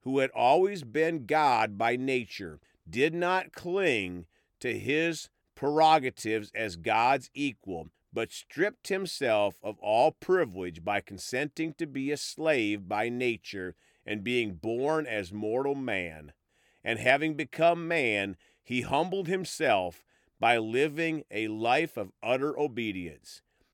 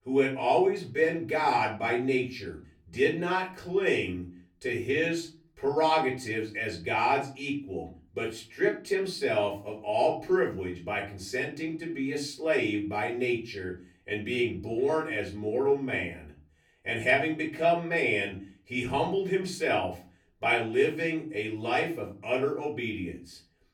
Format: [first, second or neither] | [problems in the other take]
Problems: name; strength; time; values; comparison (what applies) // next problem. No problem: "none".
first | off-mic speech; far // room echo; slight; dies away in 0.4 s